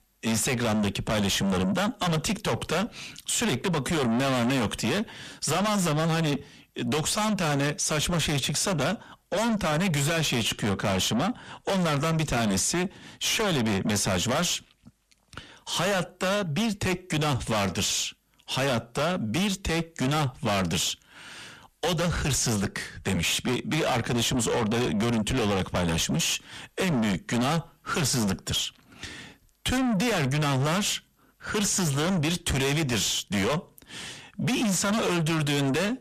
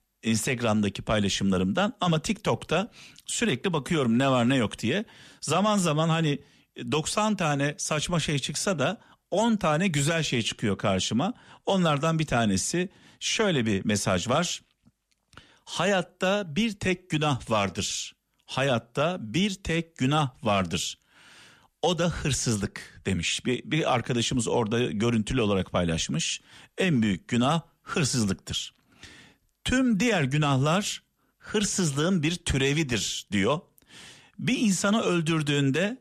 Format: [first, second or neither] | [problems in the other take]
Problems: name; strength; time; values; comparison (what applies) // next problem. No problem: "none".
second | distortion; heavy; 6 dB below the speech